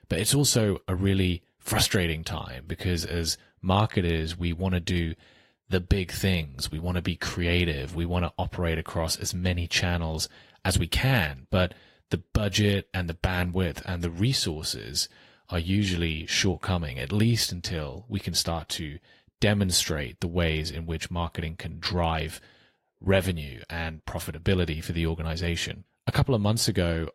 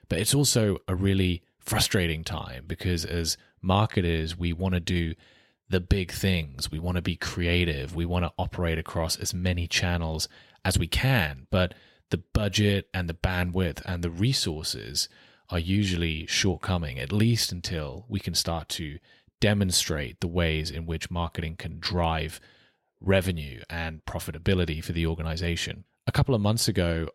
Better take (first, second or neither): second